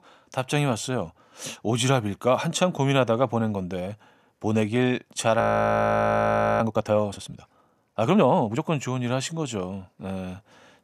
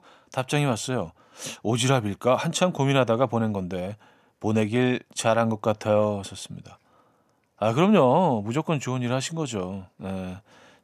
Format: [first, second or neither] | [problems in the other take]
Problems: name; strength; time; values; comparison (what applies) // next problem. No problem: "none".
second | audio freezing; at 5.5 s for 1 s